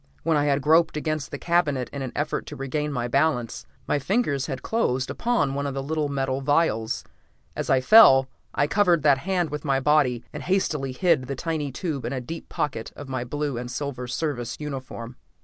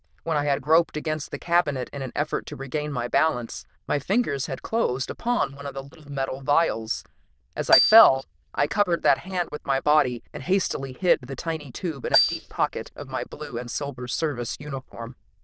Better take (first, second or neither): first